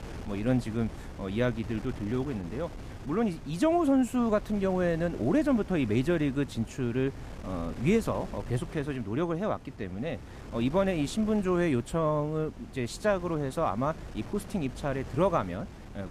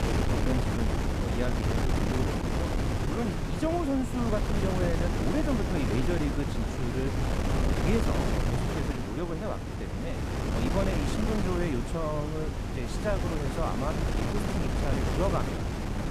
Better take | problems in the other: first | wind noise on the microphone; heavy; 1 dB above the speech; occasional gusts in the first

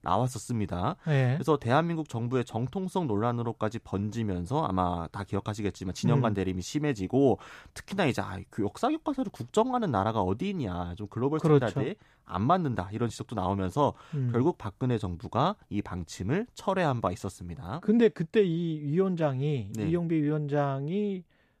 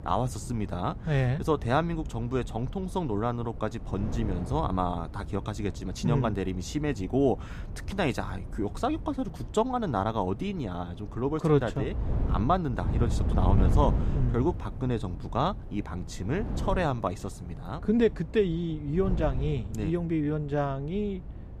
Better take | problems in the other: first | wind noise on the microphone; occasional gusts; 15 dB below the speech

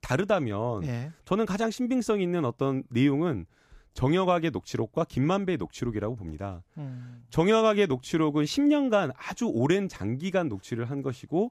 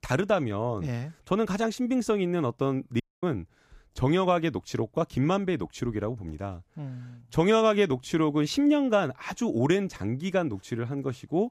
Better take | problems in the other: first | audio cutting out; at 3 s

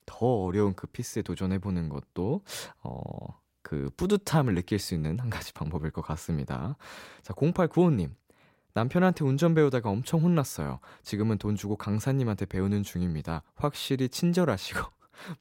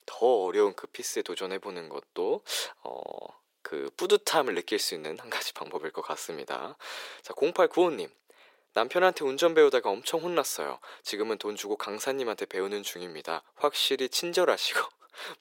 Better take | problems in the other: first | thin; very; fading below 400 Hz

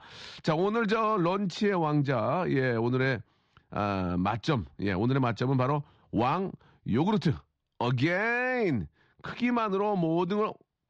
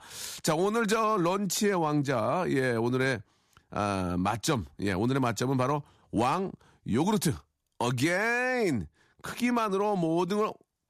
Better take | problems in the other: second | muffled; slightly; fading above 4 kHz

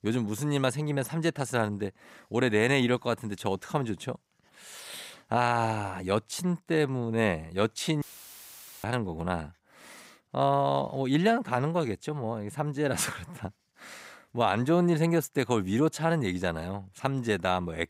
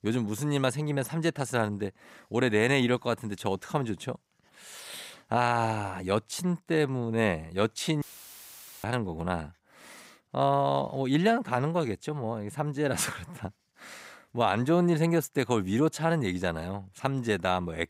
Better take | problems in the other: neither | audio cutting out; filled with static; at 8 s for 1 s; the same in both

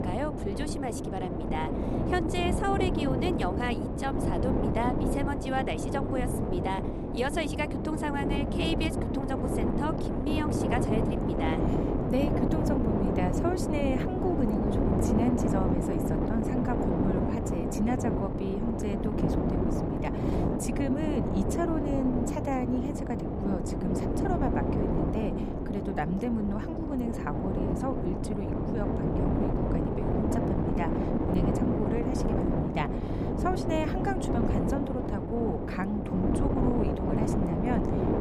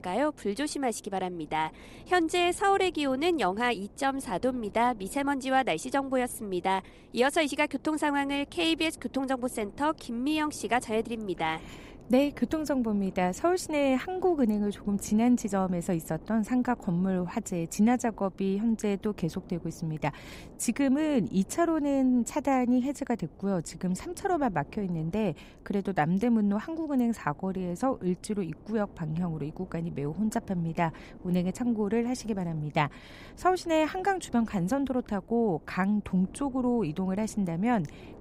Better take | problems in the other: second | wind noise on the microphone; heavy; 1 dB above the speech; occasional gusts in the second

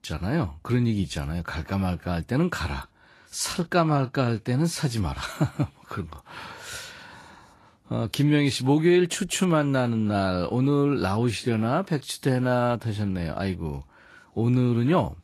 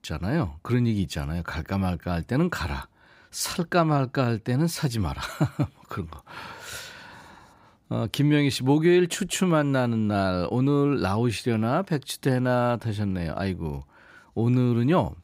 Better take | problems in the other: second | garbled, watery; slightly; nothing above 12.5 kHz

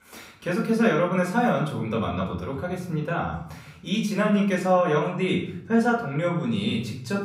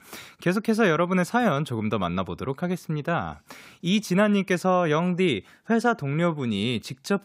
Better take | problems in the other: second | off-mic speech; far // room echo; slight; dies away in 0.7 s

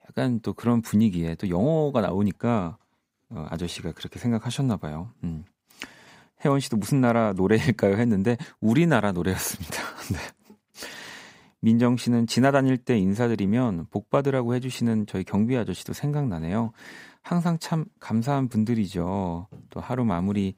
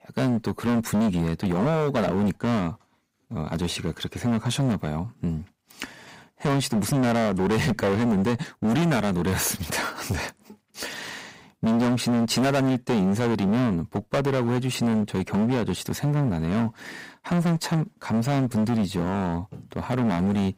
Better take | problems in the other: first | distortion; heavy; 22% of the sound clipped

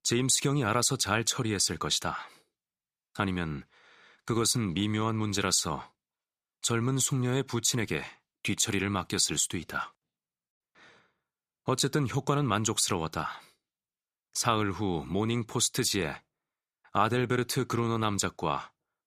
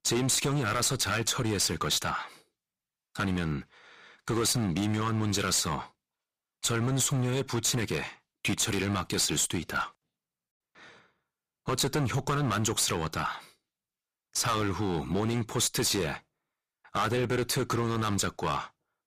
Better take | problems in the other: first | distortion; heavy; 11% of the sound clipped

